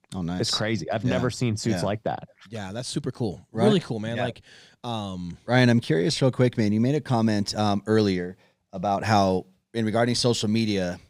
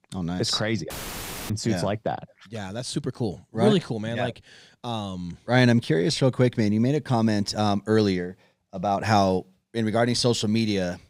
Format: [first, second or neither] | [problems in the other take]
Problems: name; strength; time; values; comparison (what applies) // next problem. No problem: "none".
first | audio cutting out; filled with static; at 1 s for 0.5 s